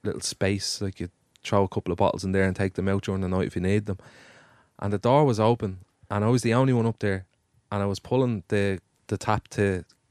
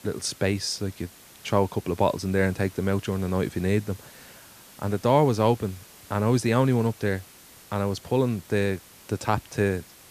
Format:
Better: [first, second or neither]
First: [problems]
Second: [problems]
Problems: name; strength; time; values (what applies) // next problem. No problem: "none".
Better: first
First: none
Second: hiss; faint; throughout; 20 dB below the speech